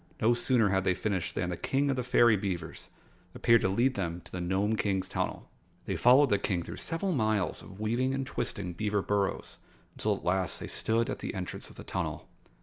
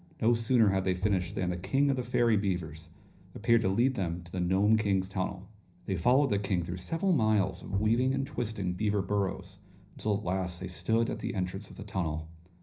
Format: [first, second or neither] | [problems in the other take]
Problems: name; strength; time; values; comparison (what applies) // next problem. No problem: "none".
first | background sound (Bowed string instrument); 12 dB below the speech // room echo; dies away in 0.5 s